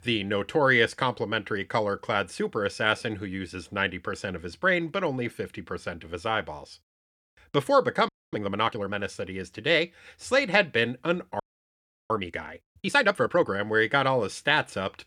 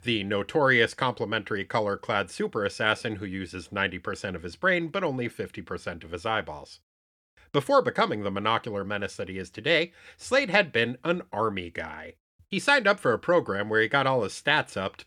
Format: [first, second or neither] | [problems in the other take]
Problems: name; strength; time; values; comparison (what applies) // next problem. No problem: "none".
second | audio freezing; at 8 s and at 11 s for 0.5 s